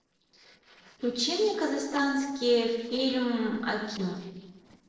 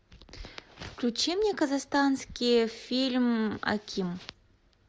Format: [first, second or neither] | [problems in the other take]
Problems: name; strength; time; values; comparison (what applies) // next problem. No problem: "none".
second | noise reduction (neural separator model SepFormer DNS4)